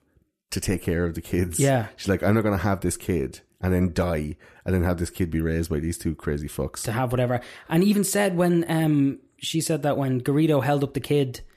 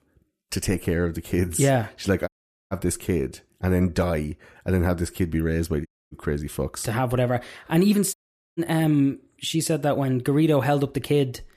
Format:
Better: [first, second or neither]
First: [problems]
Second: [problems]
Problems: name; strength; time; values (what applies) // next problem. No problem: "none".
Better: first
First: none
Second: audio cutting out; at 2.5 s, at 6 s and at 8 s